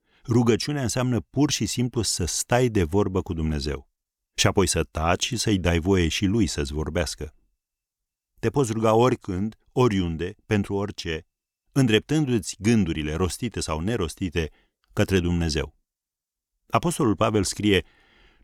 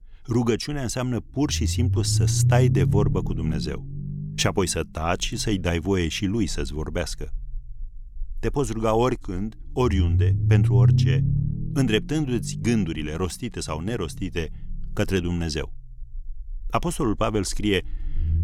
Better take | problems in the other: first | low rumble; loud; throughout; 9 dB below the speech

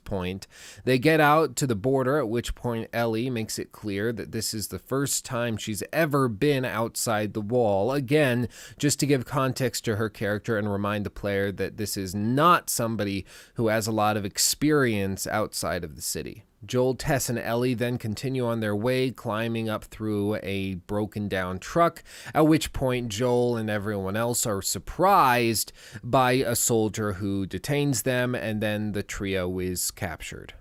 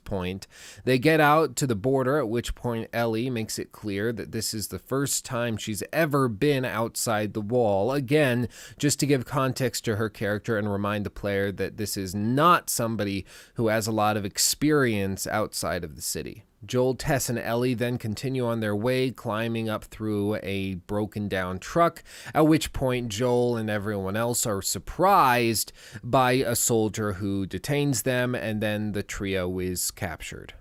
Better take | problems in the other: neither | none

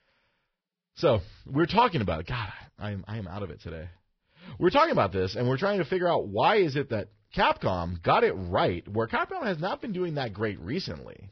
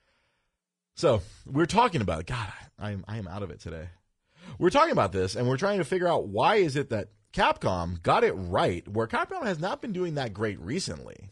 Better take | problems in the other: second | garbled, watery; badly; nothing above 5.5 kHz; slightly in the second

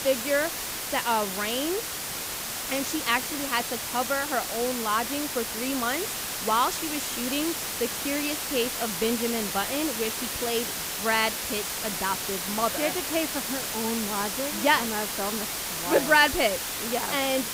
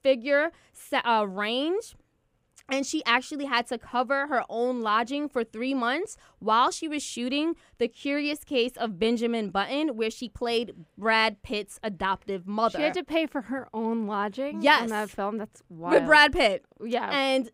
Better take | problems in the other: second | hiss; loud; throughout; 2 dB below the speech

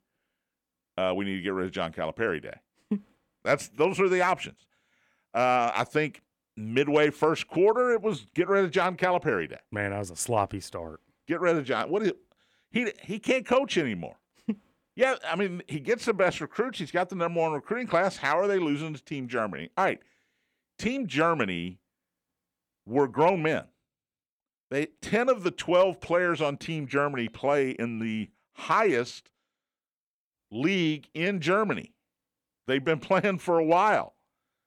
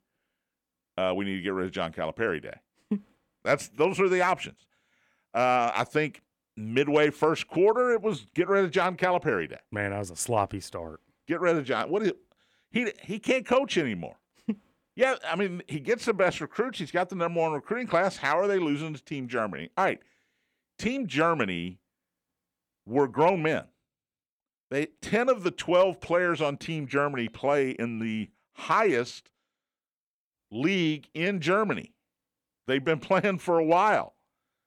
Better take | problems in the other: neither | none

